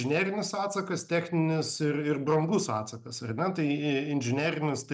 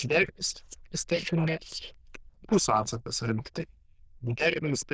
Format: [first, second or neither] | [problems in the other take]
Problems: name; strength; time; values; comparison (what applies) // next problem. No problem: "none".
first | noise reduction (neural diffusion model UNIVERSE++)